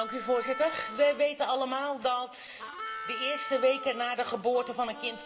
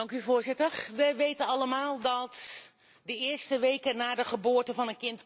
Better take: second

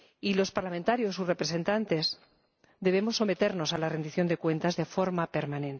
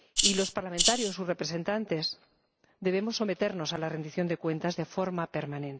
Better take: first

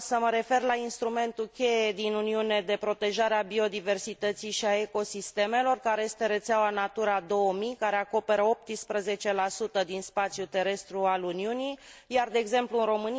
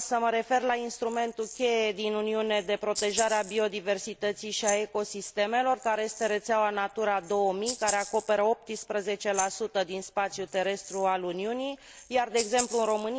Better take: first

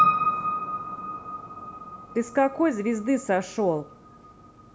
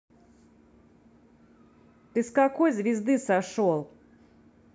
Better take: second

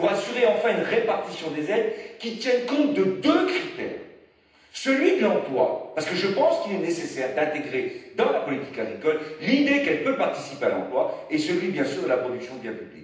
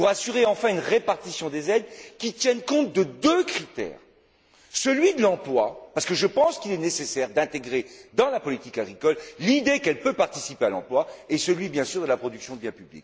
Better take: second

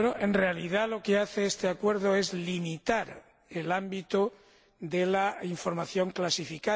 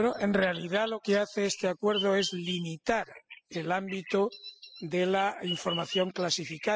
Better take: first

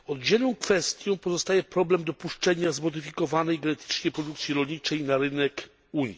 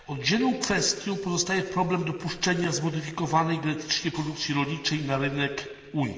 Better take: first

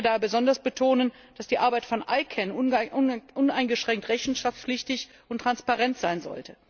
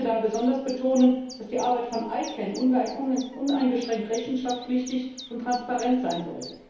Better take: first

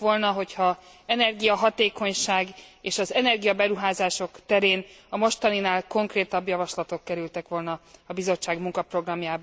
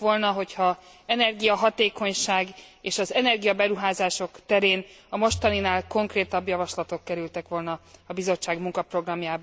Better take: first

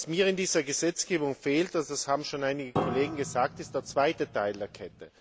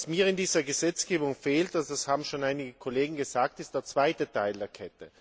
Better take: second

